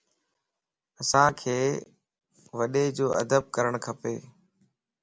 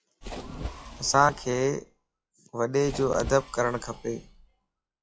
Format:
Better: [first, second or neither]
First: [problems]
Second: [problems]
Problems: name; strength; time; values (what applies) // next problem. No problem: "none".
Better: first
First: none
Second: noise reduction (classical method log-MMSE)